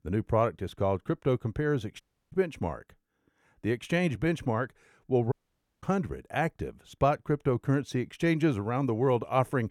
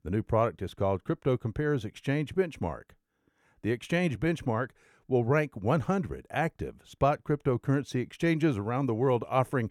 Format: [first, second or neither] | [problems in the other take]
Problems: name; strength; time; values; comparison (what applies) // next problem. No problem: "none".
second | audio cutting out; at 2 s and at 5.5 s for 0.5 s